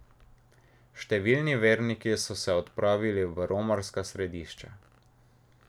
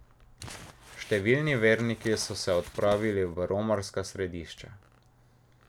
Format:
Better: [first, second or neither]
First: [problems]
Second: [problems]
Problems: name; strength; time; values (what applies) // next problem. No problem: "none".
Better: first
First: none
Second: background sound (Crumpling, crinkling); 18 dB below the speech